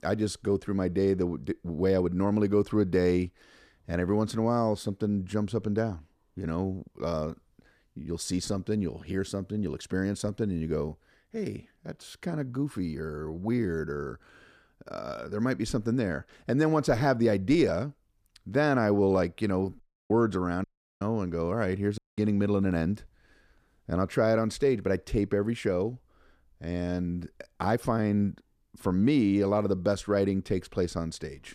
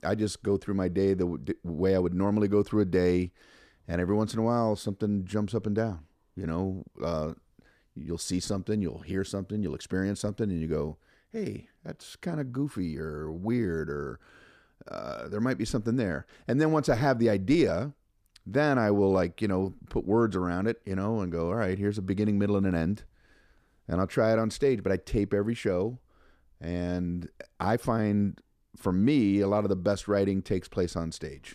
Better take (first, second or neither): second